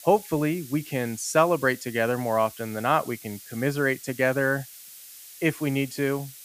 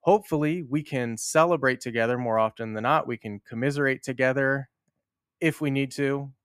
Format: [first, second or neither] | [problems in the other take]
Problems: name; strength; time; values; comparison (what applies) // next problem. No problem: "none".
second | hiss; noticeable; throughout; 15 dB below the speech